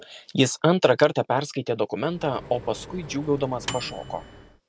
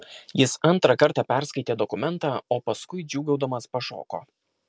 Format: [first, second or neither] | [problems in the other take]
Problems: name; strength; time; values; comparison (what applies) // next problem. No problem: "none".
second | background sound (Microwave oven); 14 dB below the speech